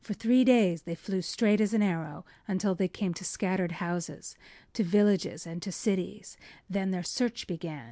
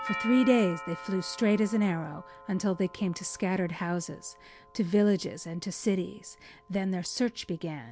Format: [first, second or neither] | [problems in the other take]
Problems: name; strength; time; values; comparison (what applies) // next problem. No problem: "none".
first | background sound (Doorbell); 15 dB below the speech